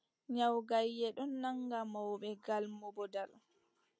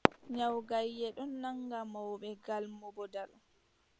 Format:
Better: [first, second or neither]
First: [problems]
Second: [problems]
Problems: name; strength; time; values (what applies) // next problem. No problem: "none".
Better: first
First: none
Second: background sound (Fireworks); 2 dB below the speech